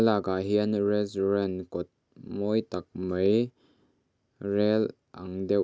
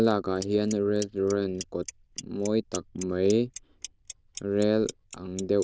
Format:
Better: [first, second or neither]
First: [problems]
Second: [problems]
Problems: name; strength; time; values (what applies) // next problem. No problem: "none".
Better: first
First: none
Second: noise reduction (neural diffusion model UNIVERSE++)